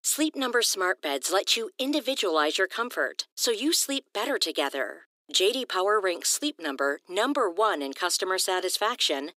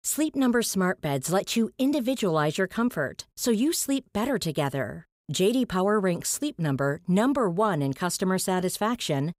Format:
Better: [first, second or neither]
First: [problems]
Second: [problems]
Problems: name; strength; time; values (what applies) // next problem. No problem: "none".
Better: second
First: thin; somewhat; fading below 300 Hz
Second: none